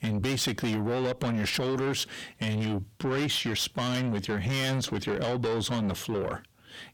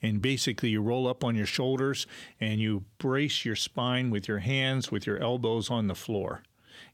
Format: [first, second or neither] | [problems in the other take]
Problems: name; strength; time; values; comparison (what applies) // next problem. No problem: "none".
second | distortion; heavy; 7 dB below the speech